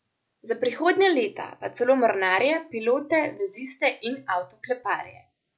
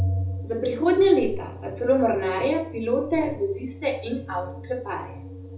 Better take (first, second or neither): first